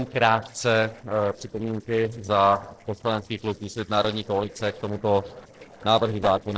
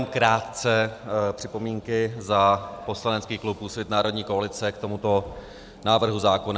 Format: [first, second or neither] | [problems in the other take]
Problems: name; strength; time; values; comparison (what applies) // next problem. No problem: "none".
second | noise reduction (neural separator model SepFormer DNS4)